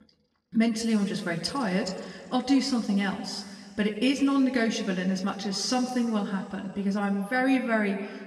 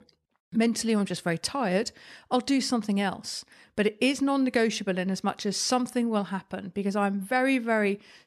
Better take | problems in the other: second | room echo; slight; dies away in 2 s // off-mic speech; somewhat distant

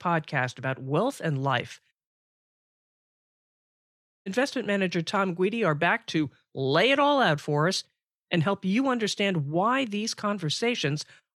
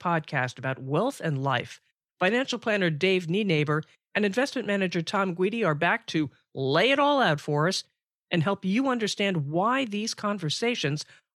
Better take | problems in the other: second | audio cutting out; at 2 s for 2 s

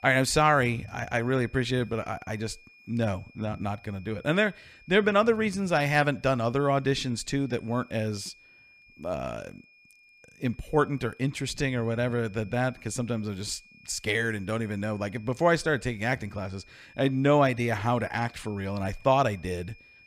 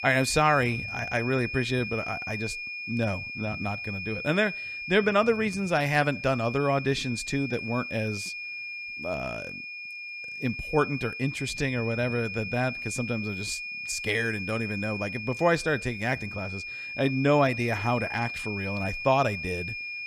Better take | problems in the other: first | high-pitched whine; loud; throughout; 2.5 kHz, 6 dB below the speech; faint in the first

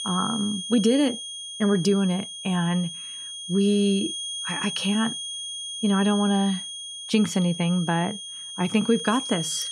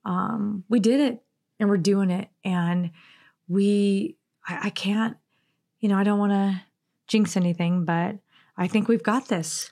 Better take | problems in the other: second | high-pitched whine; loud; throughout; 3.5 kHz, 7 dB below the speech

